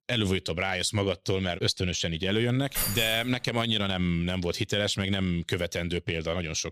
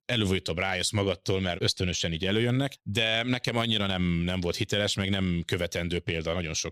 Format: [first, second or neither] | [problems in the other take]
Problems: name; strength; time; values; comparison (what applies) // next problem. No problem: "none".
second | jangling keys; noticeable; at 2.5 s; peak 1 dB below the speech